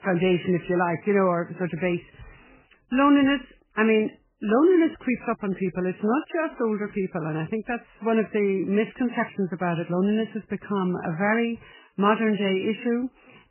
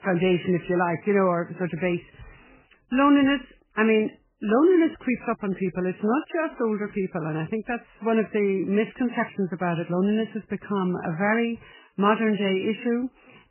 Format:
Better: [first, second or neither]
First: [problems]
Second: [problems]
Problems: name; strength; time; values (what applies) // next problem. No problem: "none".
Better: neither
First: garbled, watery; badly; nothing above 3 kHz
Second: garbled, watery; badly; nothing above 3 kHz